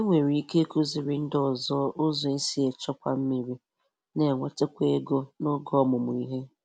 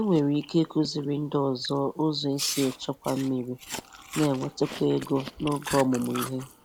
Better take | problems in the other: first | background sound (Chewing, mastication); 13 dB below the speech

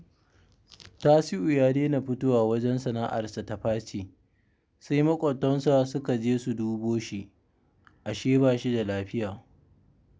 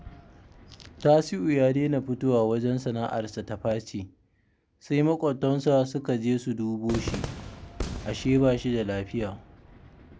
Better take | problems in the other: first | background sound (Cheering / Fireworks); 15 dB below the speech

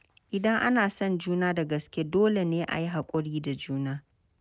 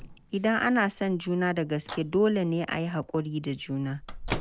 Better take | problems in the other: first | background sound (Microwave oven); 14 dB below the speech

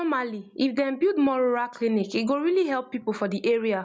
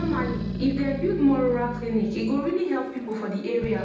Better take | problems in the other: first | background sound (Growling); 8 dB below the speech // room echo; dies away in 0.8 s

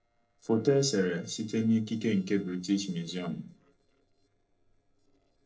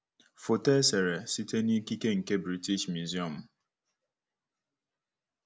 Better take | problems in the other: second | noise reduction (neural separator model SepFormer DNS4)

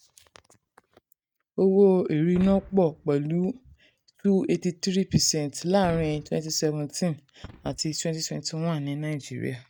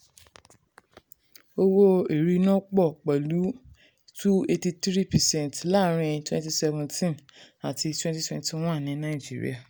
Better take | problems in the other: second | noise reduction (neural mask model RNNoise)

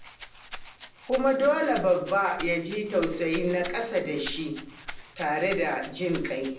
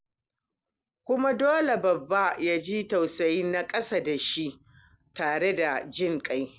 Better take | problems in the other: second | background sound (Rattle (instrument)); 13 dB below the speech // room echo; dies away in 0.6 s

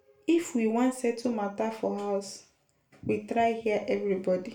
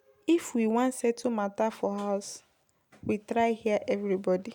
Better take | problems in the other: second | room echo; dies away in 0.3 s

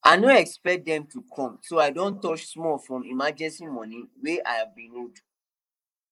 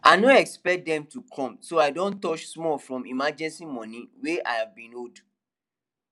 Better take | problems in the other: second | noise reduction (neural mask model Resemble Enhance denoiser)

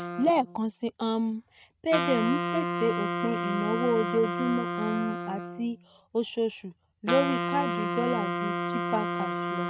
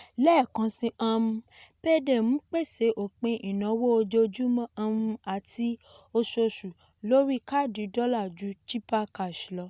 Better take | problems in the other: second | noise reduction (neural mask model RNNoise)

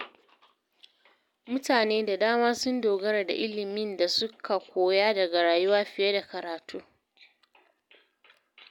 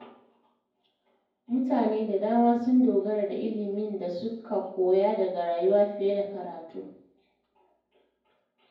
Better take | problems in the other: first | room echo; dies away in 0.9 s

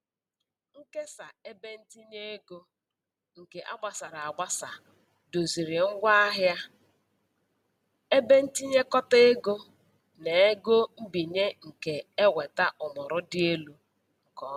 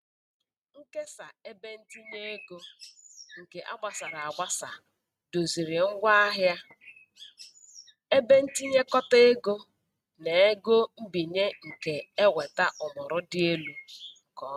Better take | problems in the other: first | noise reduction (neural mask model RNNoise)

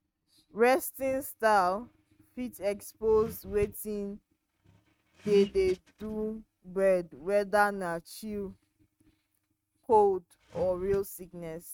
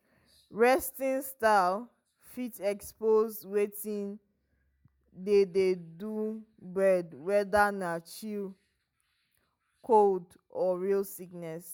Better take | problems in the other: second | noise reduction (neural mask model RNNoise)

